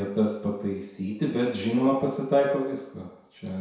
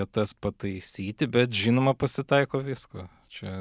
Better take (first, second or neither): second